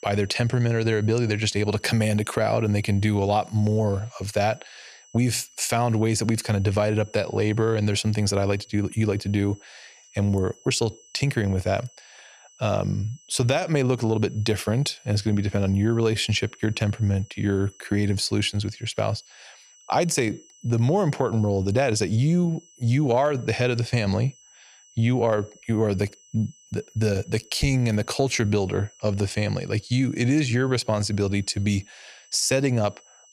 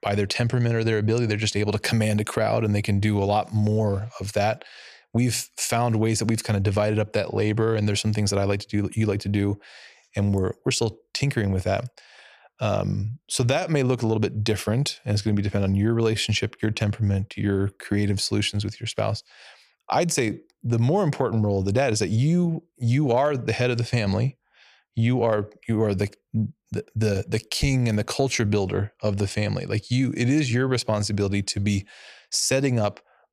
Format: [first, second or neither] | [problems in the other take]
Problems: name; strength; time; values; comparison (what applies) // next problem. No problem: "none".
second | high-pitched whine; faint; throughout; 6 kHz, 25 dB below the speech